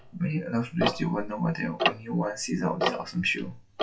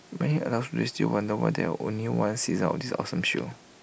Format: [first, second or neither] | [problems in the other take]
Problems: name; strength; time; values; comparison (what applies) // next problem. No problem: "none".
second | noise reduction (classical method WPE with log-MMSE)